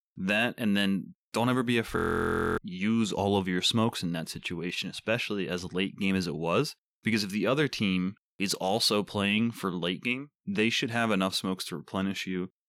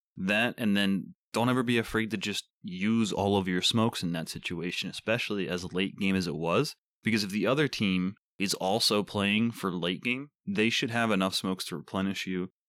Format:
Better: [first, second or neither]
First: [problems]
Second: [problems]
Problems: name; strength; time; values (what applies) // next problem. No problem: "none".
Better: second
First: audio freezing; at 2 s for 0.5 s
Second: none